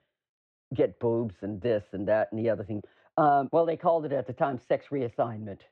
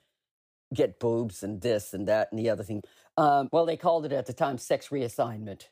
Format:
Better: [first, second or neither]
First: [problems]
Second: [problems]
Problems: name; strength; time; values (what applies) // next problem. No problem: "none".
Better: second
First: muffled; very; fading above 2.5 kHz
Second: none